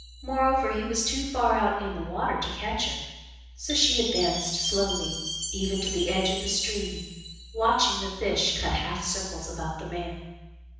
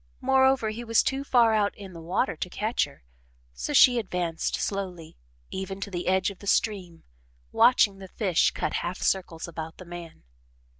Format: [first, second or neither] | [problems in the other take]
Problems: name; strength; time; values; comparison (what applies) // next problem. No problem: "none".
second | background sound (Chime); 10 dB below the speech // room echo; dies away in 1.1 s